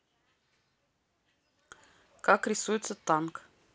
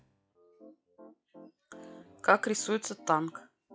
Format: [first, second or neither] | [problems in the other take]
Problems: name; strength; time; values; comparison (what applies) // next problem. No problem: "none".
first | noise reduction (classical method log-MMSE)